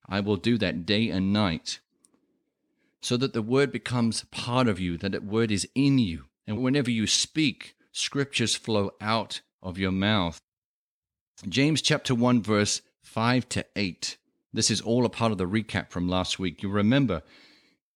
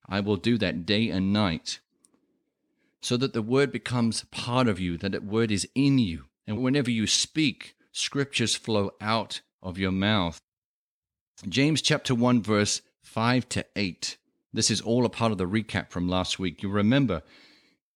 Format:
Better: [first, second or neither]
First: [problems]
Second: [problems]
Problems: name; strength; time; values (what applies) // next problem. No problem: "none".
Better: neither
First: none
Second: none